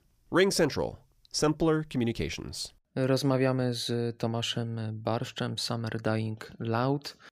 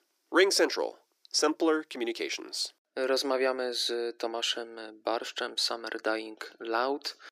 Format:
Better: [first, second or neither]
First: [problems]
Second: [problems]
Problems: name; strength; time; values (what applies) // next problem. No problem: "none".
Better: first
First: none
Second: thin; very; fading below 300 Hz